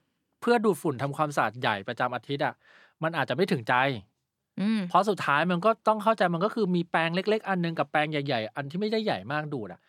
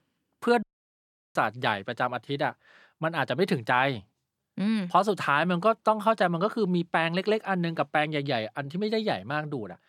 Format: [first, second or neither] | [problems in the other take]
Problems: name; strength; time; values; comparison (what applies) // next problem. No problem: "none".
first | audio cutting out; at 0.5 s for 0.5 s